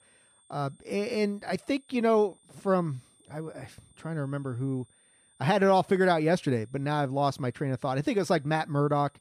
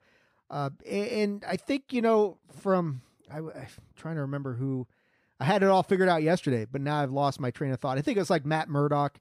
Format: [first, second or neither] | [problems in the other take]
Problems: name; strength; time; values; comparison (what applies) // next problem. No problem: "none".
second | high-pitched whine; faint; throughout; 9 kHz, 35 dB below the speech